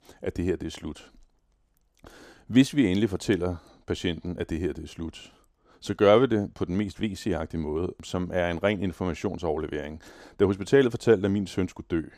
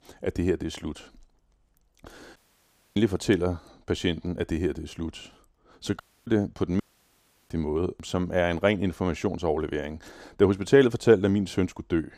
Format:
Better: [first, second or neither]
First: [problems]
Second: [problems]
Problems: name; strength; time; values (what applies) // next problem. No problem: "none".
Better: first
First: none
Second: audio cutting out; at 2.5 s for 0.5 s, at 6 s and at 7 s for 0.5 s